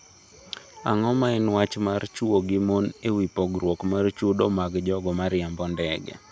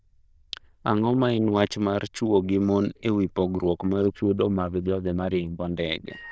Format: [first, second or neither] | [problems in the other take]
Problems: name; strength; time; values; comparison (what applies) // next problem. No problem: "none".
first | noise reduction (neural diffusion model UNIVERSE++)